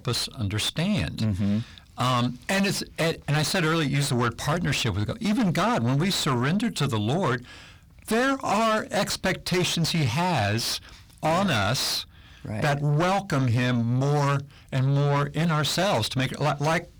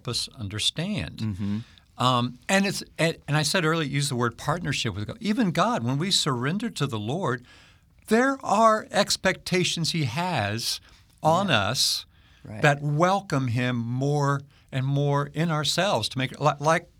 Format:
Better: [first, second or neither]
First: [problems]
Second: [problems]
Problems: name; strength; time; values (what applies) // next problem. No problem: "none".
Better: second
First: distortion; heavy; 6 dB below the speech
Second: none